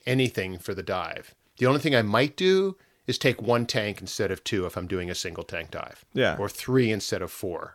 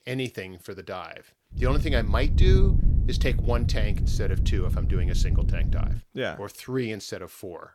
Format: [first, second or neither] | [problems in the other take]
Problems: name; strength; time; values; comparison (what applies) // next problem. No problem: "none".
first | wind noise on the microphone; heavy; from 1.5 to 6 s; 8 dB below the speech